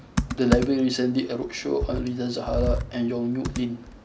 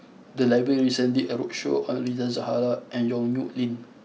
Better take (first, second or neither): second